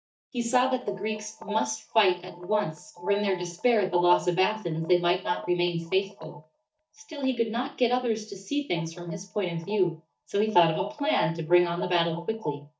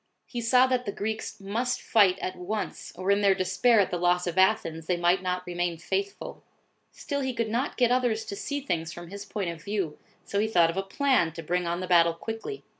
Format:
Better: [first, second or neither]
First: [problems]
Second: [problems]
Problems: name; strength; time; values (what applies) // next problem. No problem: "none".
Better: second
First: noise reduction (neural mask model DeepFilterNet 3)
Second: none